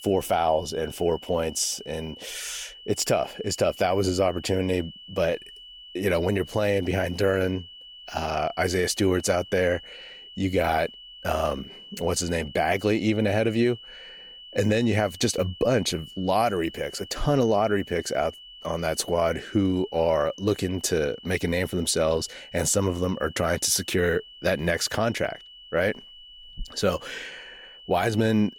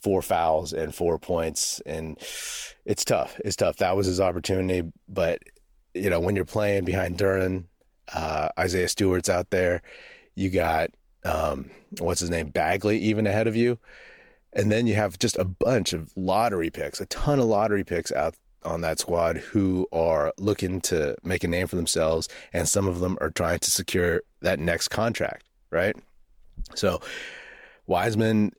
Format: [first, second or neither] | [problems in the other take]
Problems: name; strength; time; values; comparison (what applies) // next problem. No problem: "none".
second | high-pitched whine; noticeable; throughout; 3 kHz, 15 dB below the speech